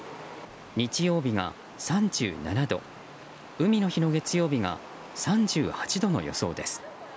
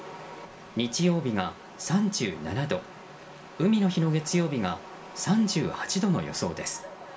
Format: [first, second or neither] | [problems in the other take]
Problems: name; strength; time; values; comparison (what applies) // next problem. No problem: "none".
first | room echo; dies away in 0.3 s